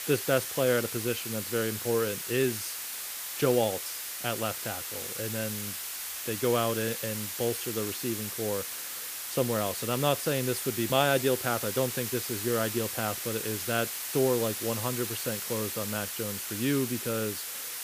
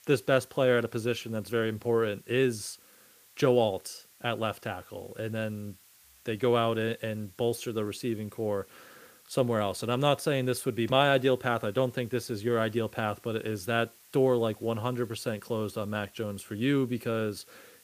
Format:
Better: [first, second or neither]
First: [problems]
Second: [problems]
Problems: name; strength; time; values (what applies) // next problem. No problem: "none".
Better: second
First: hiss; loud; throughout; 3 dB below the speech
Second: hiss; faint; throughout; 25 dB below the speech